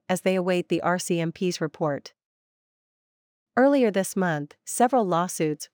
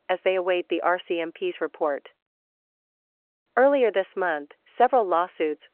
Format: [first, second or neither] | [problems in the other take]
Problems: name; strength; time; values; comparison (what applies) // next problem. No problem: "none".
first | phone-call audio